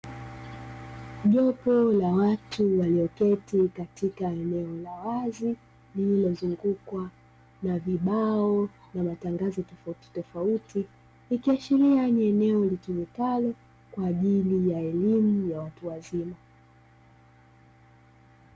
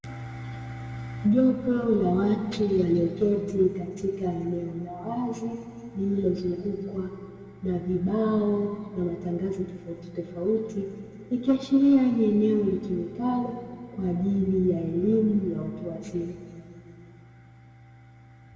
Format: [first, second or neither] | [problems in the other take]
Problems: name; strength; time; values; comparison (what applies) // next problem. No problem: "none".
first | room echo; dies away in 2.2 s